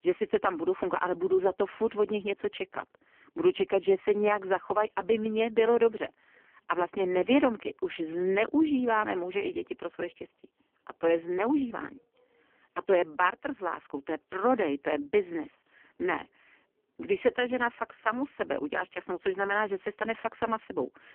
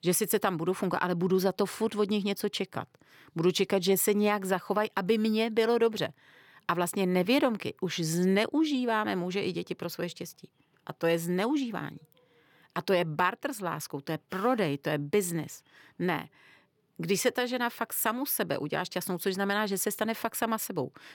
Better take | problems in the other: second | phone-call audio; poor line; nothing above 3 kHz

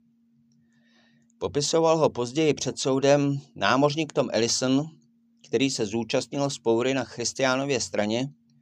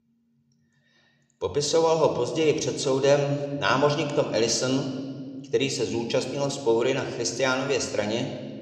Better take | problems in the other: first | room echo; slight; dies away in 1.4 s

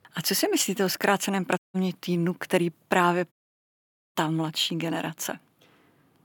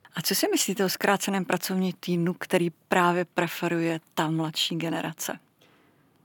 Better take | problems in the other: second | audio cutting out; at 1.5 s and at 3.5 s for 1 s

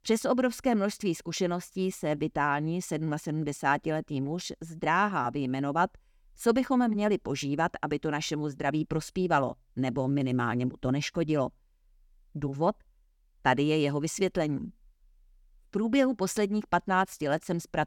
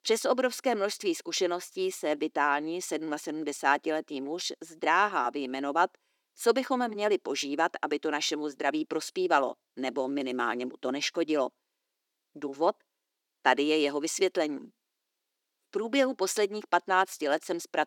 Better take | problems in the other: first | thin; somewhat; fading below 350 Hz

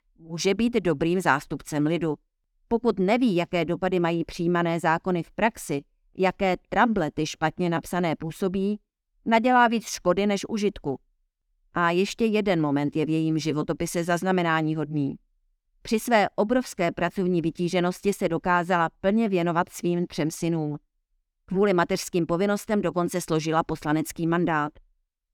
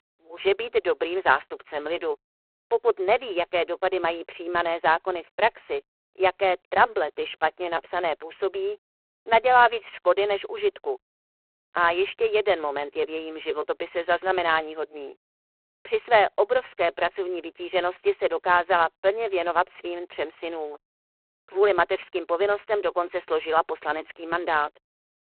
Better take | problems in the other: first | phone-call audio; poor line

